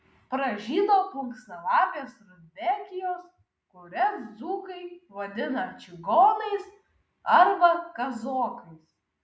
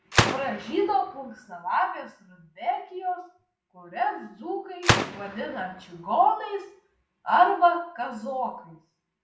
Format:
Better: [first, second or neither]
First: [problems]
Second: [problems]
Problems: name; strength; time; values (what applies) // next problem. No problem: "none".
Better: first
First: none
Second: background sound (Gunshot, gunfire); 4 dB below the speech // room echo; dies away in 0.4 s